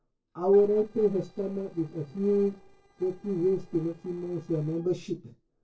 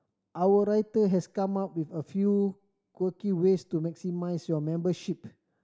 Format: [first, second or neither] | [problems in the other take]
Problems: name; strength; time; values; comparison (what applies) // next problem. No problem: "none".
second | noise reduction (neural separator model SepFormer DNS4)